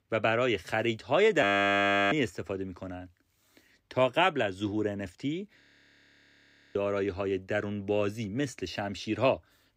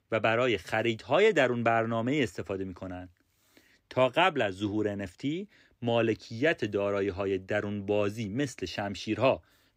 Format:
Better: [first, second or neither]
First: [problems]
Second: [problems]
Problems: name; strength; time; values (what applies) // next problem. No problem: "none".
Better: second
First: audio freezing; at 1.5 s for 0.5 s and at 5.5 s for 1 s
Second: none